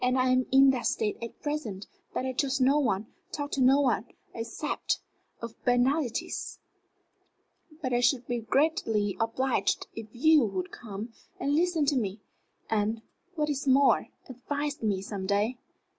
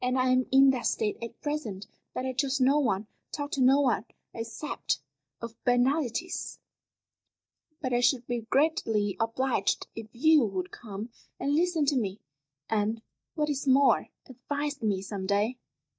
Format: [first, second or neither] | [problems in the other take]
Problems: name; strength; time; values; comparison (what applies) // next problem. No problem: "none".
first | noise reduction (neural mask model DeepFilterNet 3)